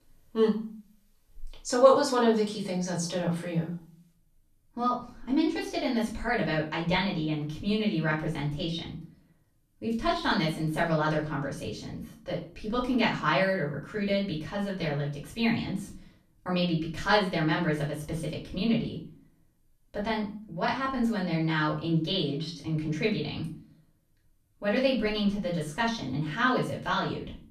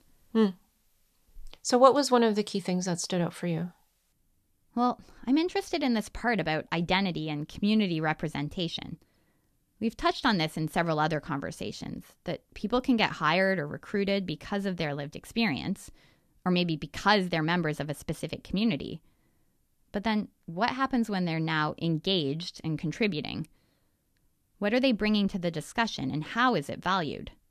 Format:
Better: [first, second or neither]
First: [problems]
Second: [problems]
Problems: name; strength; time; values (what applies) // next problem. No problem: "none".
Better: second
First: off-mic speech; far // room echo; slight; dies away in 0.4 s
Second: none